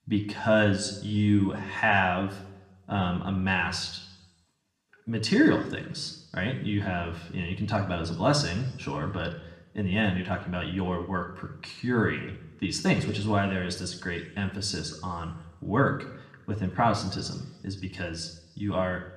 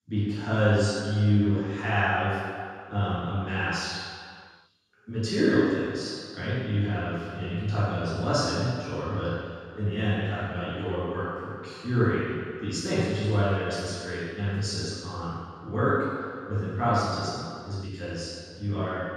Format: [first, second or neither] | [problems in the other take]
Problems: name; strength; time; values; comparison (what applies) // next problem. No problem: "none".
first | room echo; strong; dies away in 1.8 s; slight in the first // off-mic speech; far